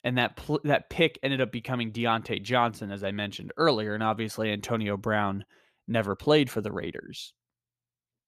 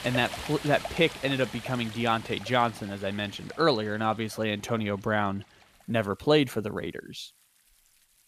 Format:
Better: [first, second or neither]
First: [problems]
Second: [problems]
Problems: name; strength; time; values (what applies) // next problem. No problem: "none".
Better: first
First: none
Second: rain or running water; noticeable; throughout; 15 dB below the speech